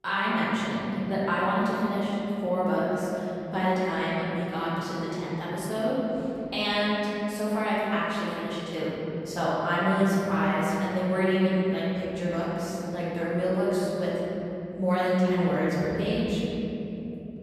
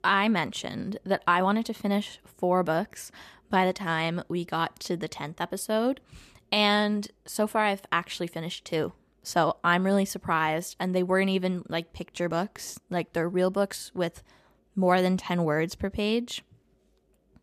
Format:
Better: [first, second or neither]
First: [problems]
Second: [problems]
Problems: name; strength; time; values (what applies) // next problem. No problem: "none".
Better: second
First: room echo; strong; dies away in 3 s // off-mic speech; far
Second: none